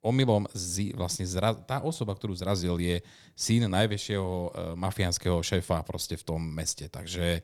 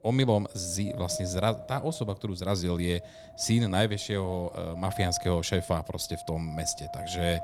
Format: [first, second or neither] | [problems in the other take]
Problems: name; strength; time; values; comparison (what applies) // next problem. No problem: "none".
first | wind noise on the microphone; heavy; 9 dB below the speech